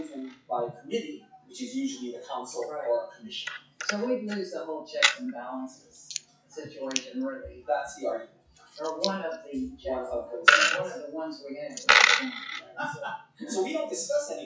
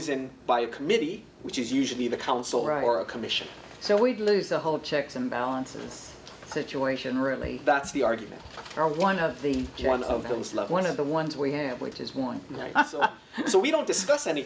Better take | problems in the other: second | noise reduction (classical method WPE with log-MMSE)

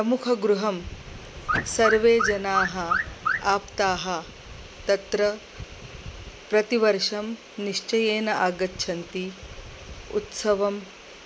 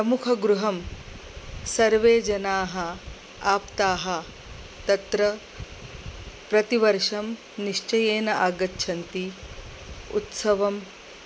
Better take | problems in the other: second | background sound (Alarm / Car); 2 dB below the speech

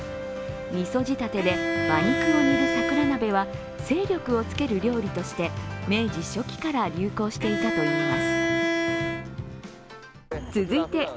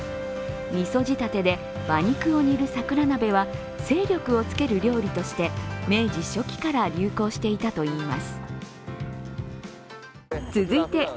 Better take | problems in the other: second | background sound (Bowed string instrument); 1 dB below the speech

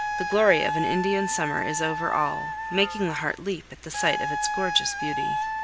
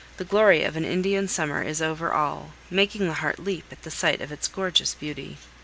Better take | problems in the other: second | background sound (Wind instrument, woodwind instrument); 3 dB below the speech

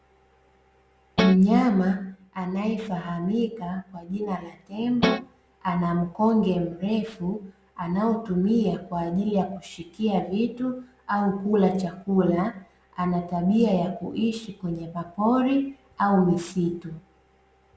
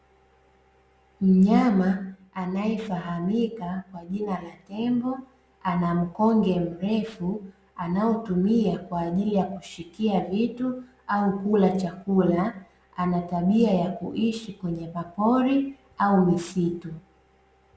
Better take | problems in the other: second | background sound (Guitar); as loud as the speech

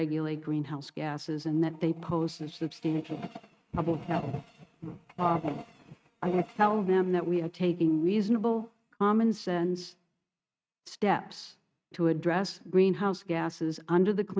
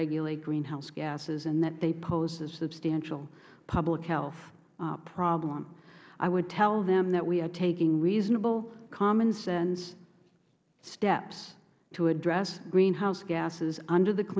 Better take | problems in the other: second | noise reduction (neural mask model RNNoise)

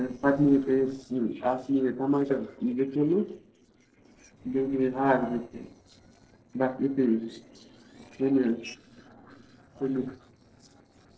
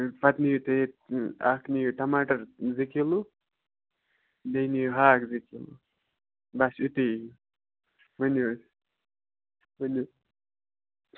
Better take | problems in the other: second | noise reduction (neural separator model SepFormer DNS4)

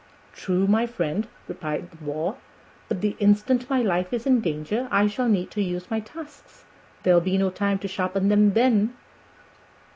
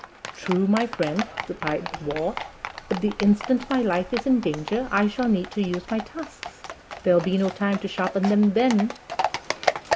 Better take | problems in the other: first | background sound (Livestock, farm animals, working animals); 9 dB below the speech

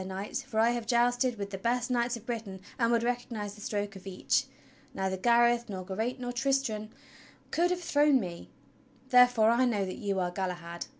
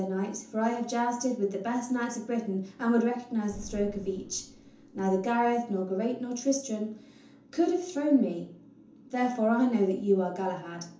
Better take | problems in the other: first | background sound (Boom); 18 dB below the speech // room echo; dies away in 0.6 s

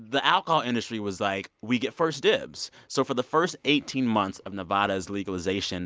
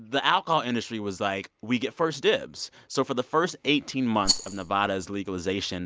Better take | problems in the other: first | background sound (Rattle); 2 dB below the speech

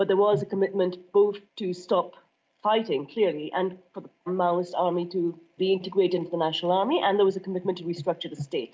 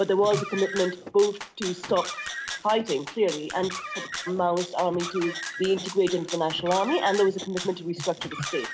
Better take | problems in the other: first | background sound (Car + Rattle (instrument)); 10 dB below the speech

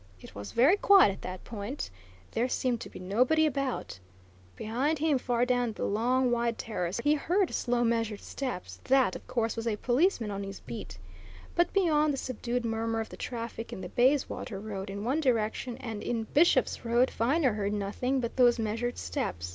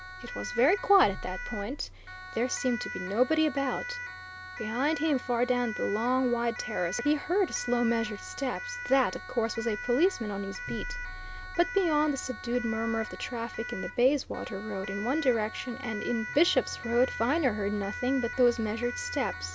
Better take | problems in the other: first | background sound (Siren); 11 dB below the speech

